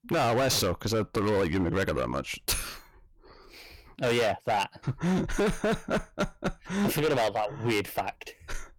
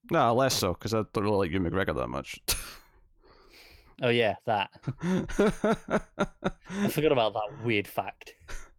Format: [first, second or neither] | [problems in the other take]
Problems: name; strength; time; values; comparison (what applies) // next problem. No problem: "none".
second | distortion; heavy; 13% of the sound clipped